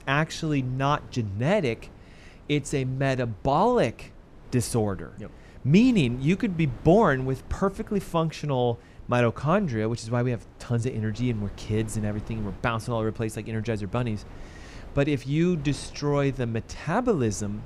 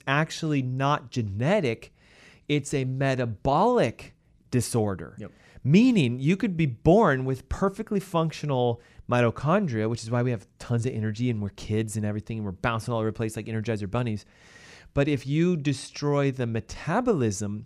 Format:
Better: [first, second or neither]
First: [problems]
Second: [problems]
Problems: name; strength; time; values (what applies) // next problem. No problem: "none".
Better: second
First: wind noise on the microphone; occasional gusts; 25 dB below the speech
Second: none